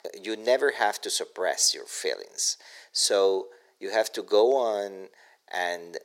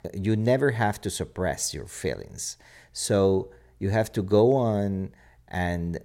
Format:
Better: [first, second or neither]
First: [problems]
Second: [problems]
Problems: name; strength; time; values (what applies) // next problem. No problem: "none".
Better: second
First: thin; very; fading below 400 Hz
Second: none